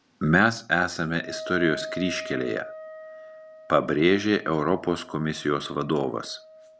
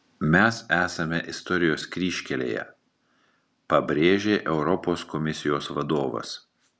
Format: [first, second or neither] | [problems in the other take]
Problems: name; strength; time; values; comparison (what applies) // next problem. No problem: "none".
second | background sound (Wind instrument, woodwind instrument); 15 dB below the speech